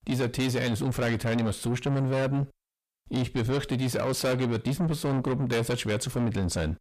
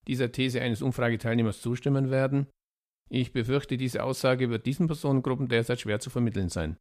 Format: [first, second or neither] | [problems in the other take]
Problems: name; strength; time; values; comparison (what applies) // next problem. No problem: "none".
second | distortion; heavy; 7 dB below the speech